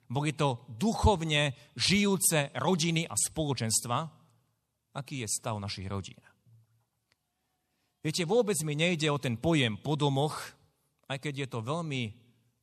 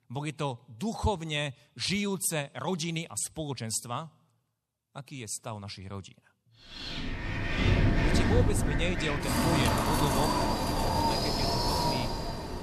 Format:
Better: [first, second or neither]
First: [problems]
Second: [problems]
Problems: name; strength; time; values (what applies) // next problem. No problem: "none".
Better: first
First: none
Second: wind in the background; very loud; from 7.5 s on; 5 dB above the speech